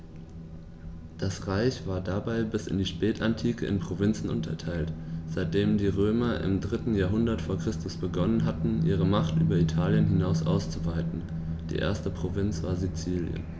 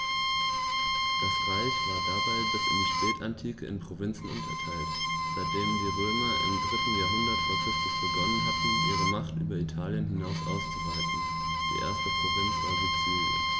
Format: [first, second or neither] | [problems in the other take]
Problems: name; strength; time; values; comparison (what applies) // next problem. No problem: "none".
first | background sound (Bowed string instrument); 4 dB above the speech